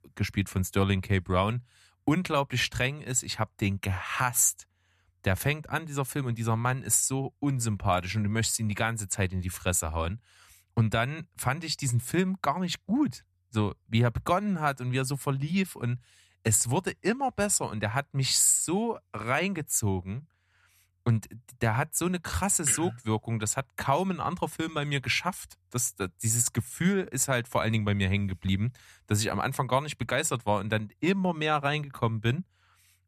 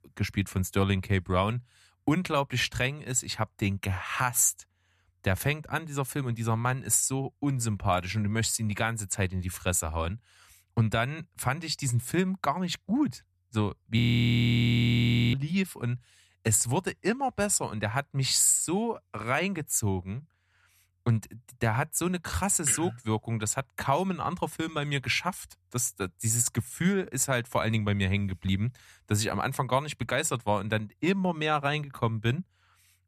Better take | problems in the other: first | audio freezing; at 14 s for 1.5 s

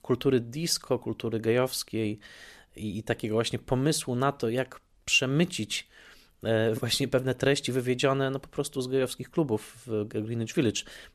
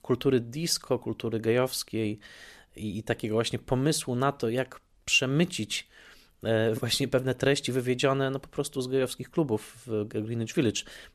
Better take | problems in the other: neither | none

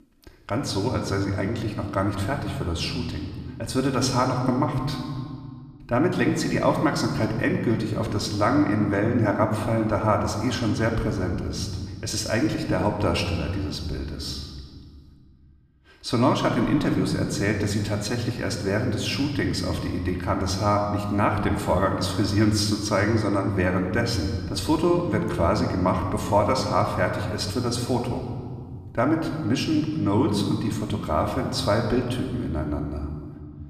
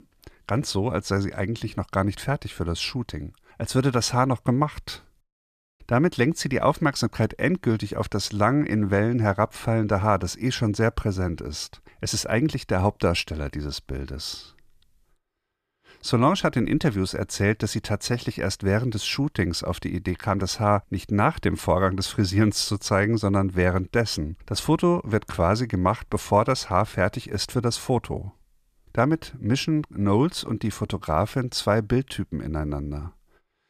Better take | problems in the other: second | room echo; slight; dies away in 1.8 s // off-mic speech; somewhat distant

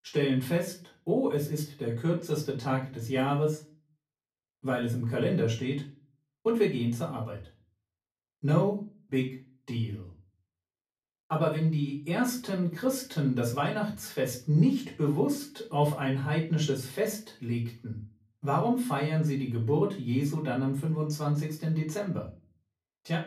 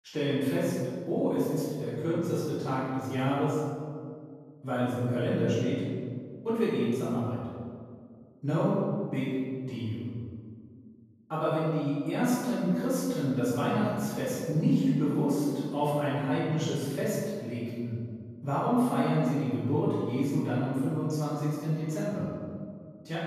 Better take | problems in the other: first | room echo; strong; dies away in 1.9 s; slight in the first // off-mic speech; far; far in the first

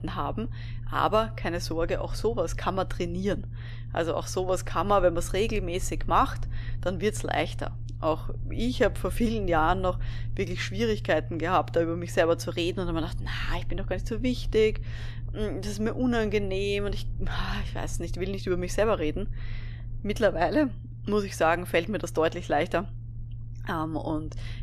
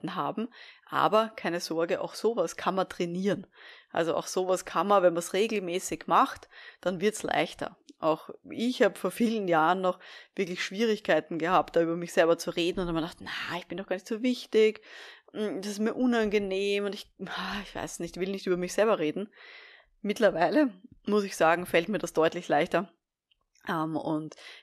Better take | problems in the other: second | low rumble; faint; throughout; 25 dB below the speech

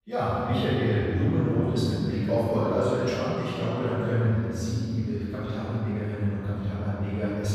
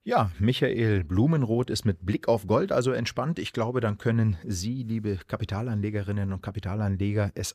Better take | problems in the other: second | off-mic speech; far // room echo; strong; dies away in 2.5 s

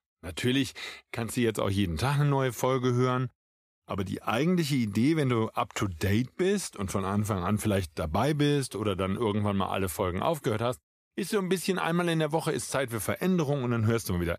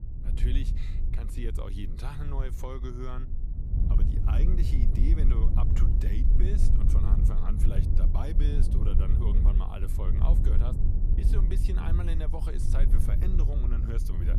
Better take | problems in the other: first | wind noise on the microphone; heavy; 2 dB below the speech

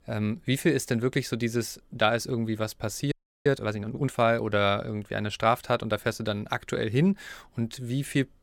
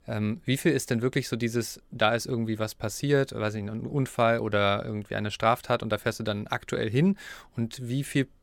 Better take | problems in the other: second | audio freezing; at 3 s

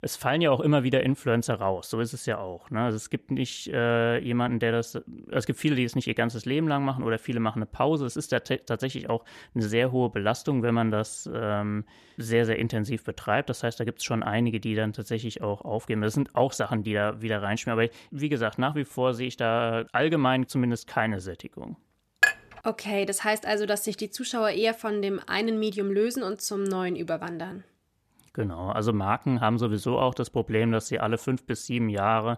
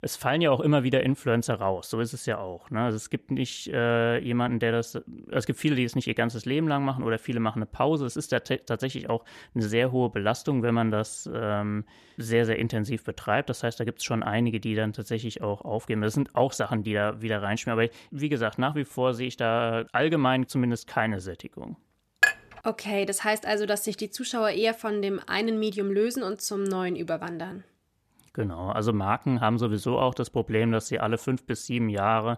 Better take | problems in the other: neither | clattering dishes; loud; at 22 s; peak 5 dB above the speech; the same in both

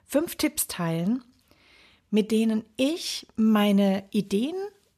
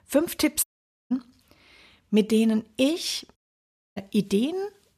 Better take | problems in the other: first | audio cutting out; at 0.5 s and at 3.5 s for 0.5 s

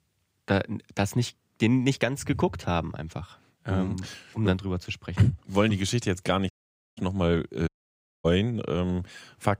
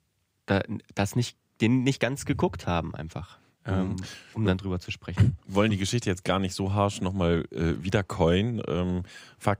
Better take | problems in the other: second | audio cutting out; at 6.5 s and at 7.5 s for 0.5 s

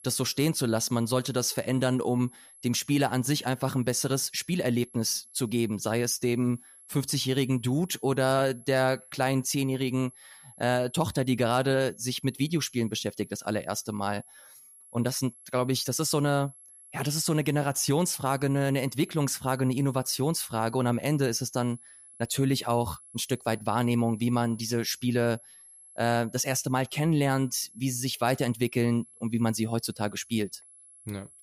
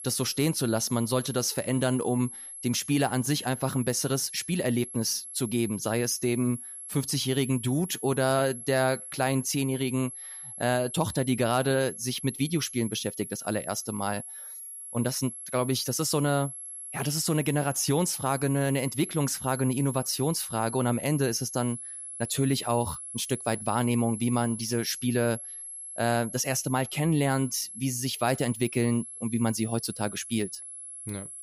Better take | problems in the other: first | high-pitched whine; loud; throughout; 11 kHz, 10 dB below the speech; faint in the first

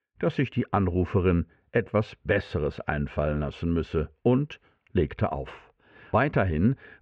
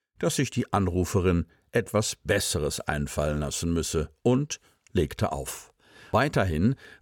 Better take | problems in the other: second | muffled; very; fading above 2.5 kHz

